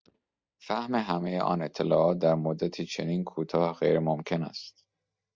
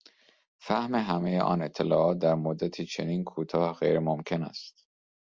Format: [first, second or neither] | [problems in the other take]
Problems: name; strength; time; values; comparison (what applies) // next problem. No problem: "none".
second | noise reduction (neural mask model DeepFilterNet 3)